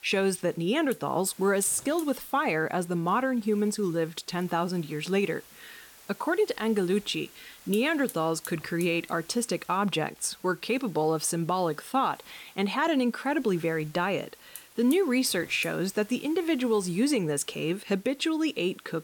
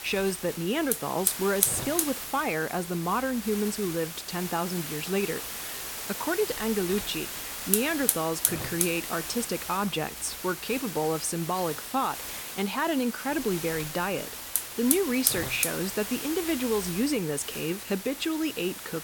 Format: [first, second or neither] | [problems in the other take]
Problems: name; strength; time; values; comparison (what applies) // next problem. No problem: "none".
first | hiss; loud; throughout; 2 dB below the speech; faint in the first